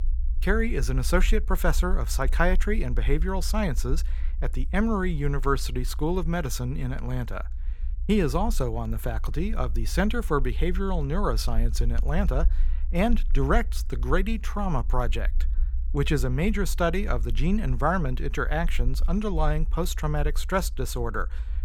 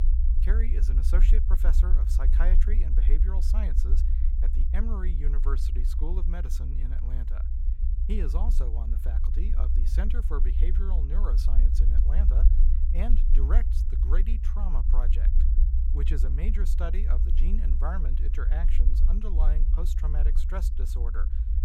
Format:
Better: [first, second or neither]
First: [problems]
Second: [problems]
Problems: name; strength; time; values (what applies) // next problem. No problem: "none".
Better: first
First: low rumble; faint; throughout; 25 dB below the speech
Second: low rumble; loud; throughout; 5 dB below the speech